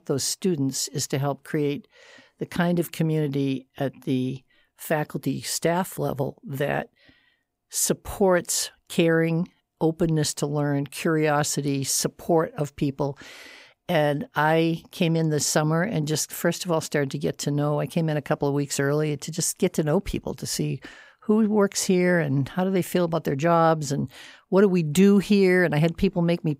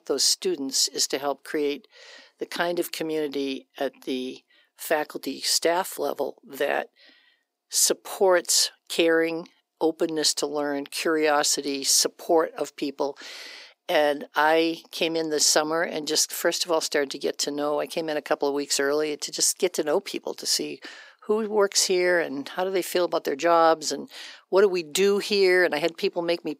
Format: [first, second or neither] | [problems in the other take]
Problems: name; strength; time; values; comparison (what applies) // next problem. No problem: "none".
first | thin; somewhat; fading below 300 Hz